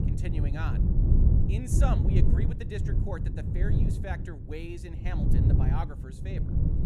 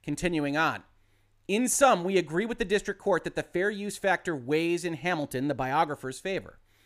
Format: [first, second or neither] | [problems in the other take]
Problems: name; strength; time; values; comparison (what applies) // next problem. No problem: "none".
second | wind noise on the microphone; heavy; as loud as the speech